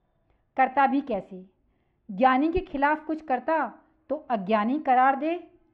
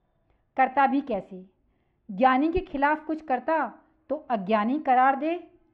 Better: neither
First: muffled; very; fading above 2.5 kHz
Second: muffled; very; fading above 2.5 kHz

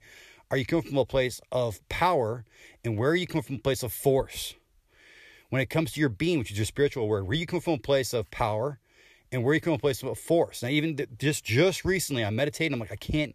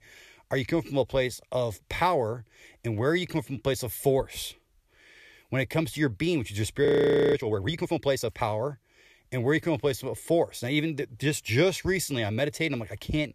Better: first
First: none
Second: audio freezing; at 7 s

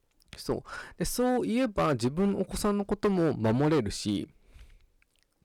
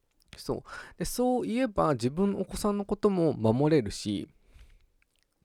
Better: second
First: distortion; slight; 6% of the sound clipped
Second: none

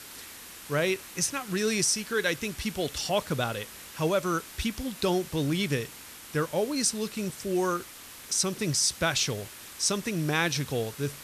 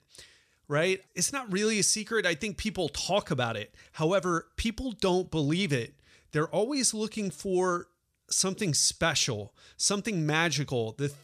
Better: second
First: hiss; noticeable; throughout; 15 dB below the speech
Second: none

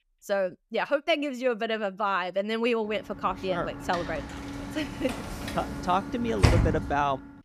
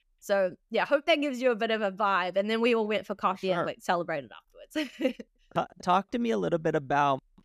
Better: second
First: door banging; loud; at 6.5 s; peak 6 dB above the speech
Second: none

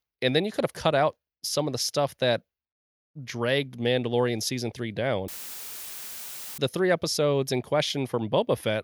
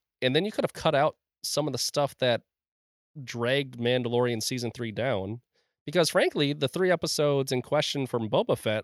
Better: second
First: audio cutting out; filled with static; at 5.5 s for 1.5 s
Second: none

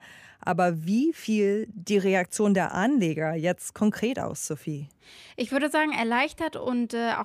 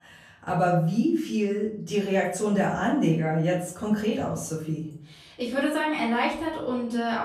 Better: first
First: none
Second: room echo; noticeable; dies away in 0.5 s // off-mic speech; far

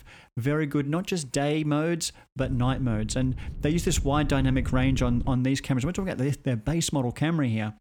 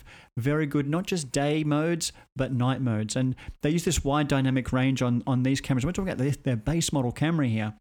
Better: second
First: wind noise on the microphone; occasional gusts; from 2.5 to 5.5 s; 20 dB below the speech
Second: none

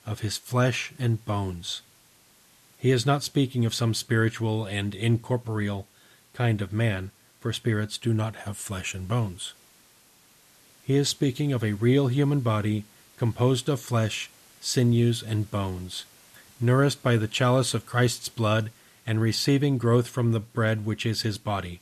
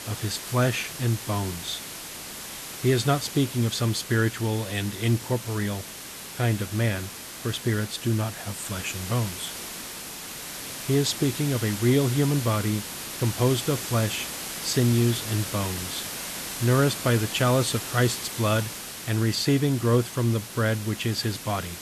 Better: first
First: hiss; faint; throughout; 30 dB below the speech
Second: hiss; loud; throughout; 8 dB below the speech

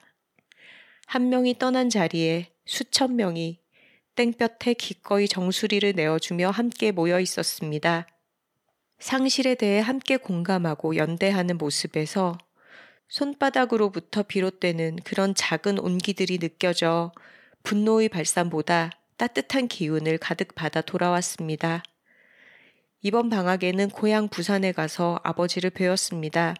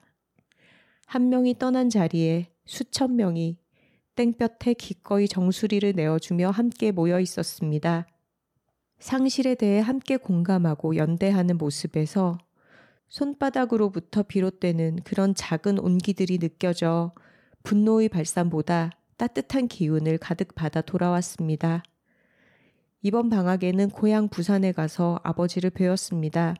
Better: second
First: thin; very slightly; fading below 950 Hz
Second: none

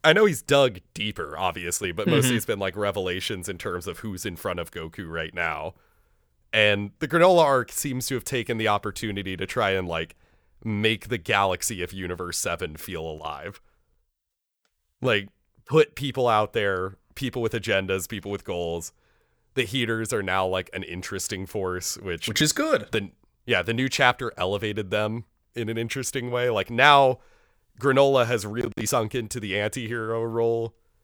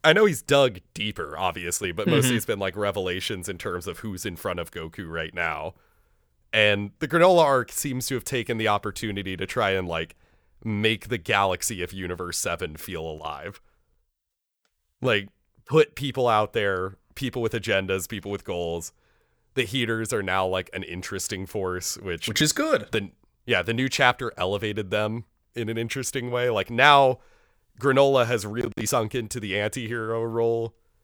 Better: neither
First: none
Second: none

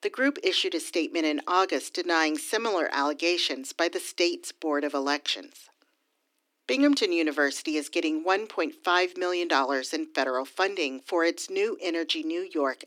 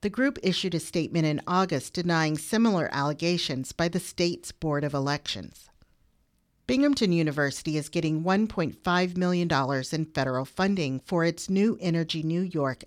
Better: second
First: thin; somewhat; fading below 300 Hz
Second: none

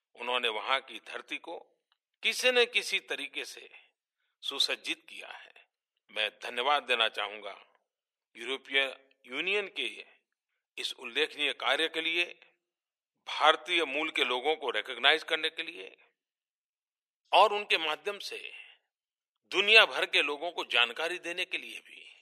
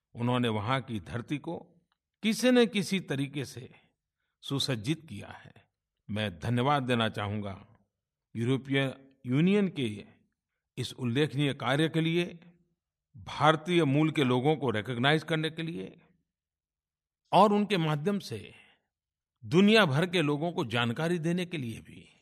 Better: second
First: thin; very; fading below 450 Hz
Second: none

